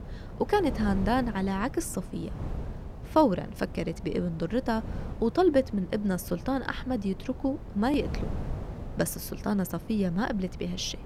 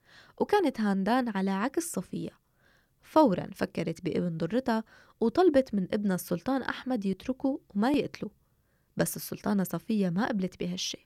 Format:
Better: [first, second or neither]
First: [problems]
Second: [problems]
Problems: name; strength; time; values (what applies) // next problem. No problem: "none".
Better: second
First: wind noise on the microphone; occasional gusts; 15 dB below the speech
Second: none